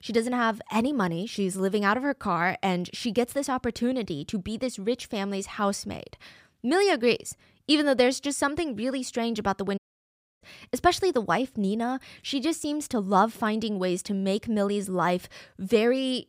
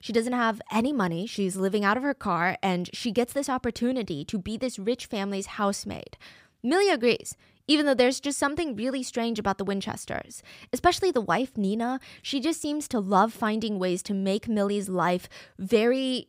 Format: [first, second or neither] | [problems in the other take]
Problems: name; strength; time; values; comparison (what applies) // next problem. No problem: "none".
second | audio cutting out; at 10 s for 0.5 s